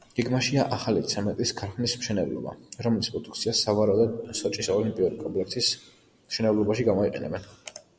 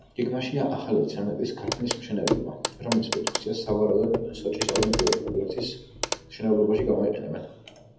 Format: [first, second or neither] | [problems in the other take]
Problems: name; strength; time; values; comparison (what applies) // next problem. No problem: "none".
first | background sound (Clock); 6 dB below the speech // room echo; dies away in 0.9 s